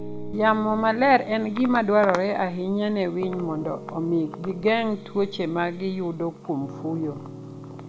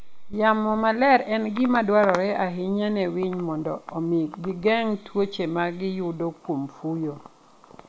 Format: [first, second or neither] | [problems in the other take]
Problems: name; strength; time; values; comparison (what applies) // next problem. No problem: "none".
second | background sound (Piano); 15 dB below the speech